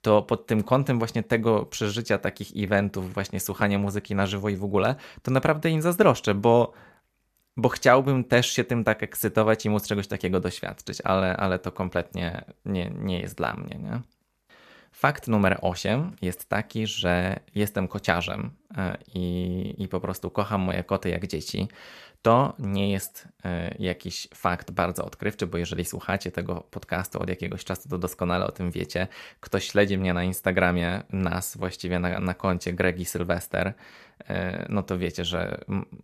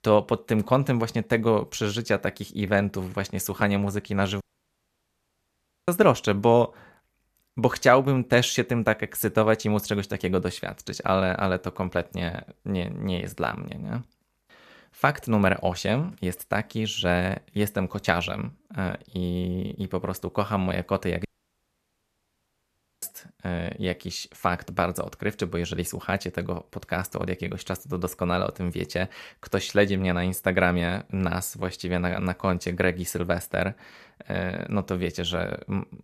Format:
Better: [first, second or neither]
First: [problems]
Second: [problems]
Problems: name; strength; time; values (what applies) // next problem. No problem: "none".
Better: first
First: none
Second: audio cutting out; at 4.5 s for 1.5 s and at 21 s for 2 s